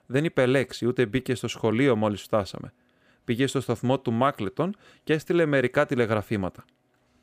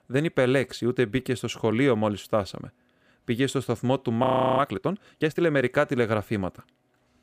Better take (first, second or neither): first